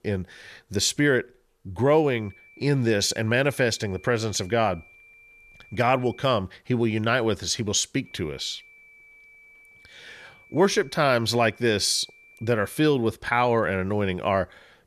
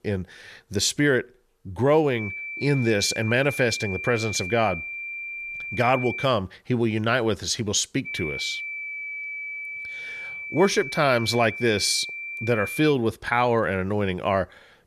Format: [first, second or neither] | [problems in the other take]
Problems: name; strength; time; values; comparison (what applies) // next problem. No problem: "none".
first | high-pitched whine; loud; from 2 to 6.5 s and from 8 to 13 s; 2.5 kHz, 8 dB below the speech; faint in the first